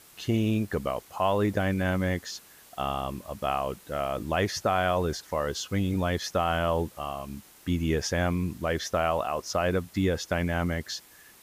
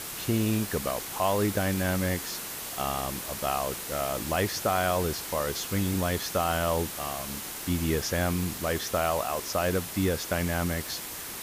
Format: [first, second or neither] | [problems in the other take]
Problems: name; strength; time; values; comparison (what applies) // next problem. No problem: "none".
first | hiss; loud; throughout; 5 dB below the speech; faint in the first